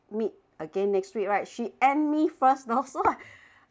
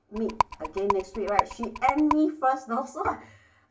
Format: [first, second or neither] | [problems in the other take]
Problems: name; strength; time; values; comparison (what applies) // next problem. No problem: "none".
first | background sound (Rattle); 2 dB below the speech // room echo; dies away in 0.3 s